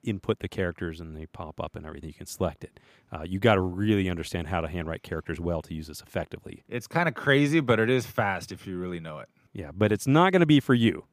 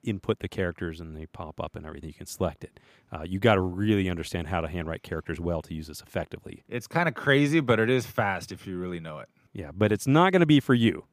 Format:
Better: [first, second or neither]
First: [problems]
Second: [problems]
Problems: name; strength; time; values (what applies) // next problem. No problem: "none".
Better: neither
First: none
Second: none